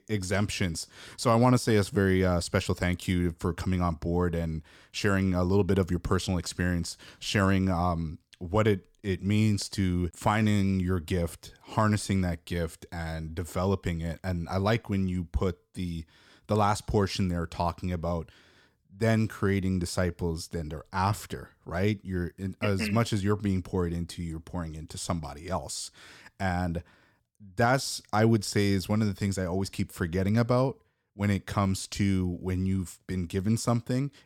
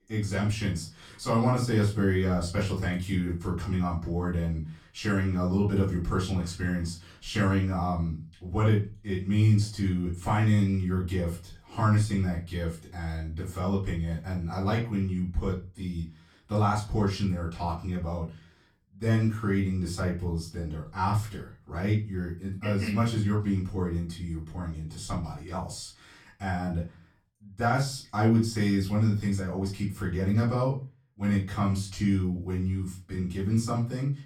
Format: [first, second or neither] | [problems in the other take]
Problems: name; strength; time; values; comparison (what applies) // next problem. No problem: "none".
first | off-mic speech; far // room echo; slight; dies away in 0.3 s